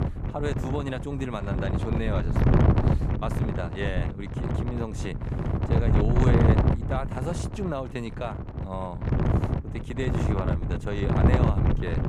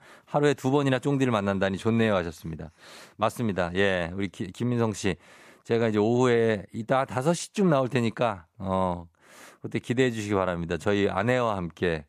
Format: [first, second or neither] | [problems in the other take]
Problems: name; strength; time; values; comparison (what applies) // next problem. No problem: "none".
second | wind noise on the microphone; heavy; 1 dB above the speech